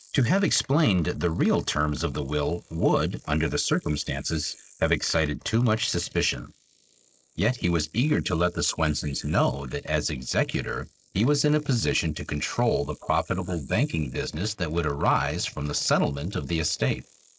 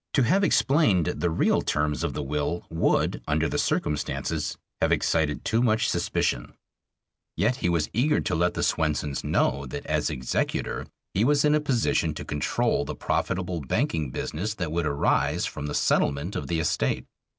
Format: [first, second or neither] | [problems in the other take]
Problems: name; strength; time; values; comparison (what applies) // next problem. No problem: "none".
second | noise reduction (neural mask model Resemble Enhance denoiser)